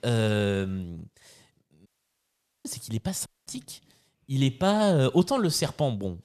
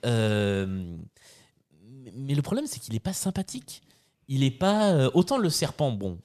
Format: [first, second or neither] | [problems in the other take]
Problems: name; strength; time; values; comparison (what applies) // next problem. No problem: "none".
second | audio cutting out; at 2 s for 1 s and at 3.5 s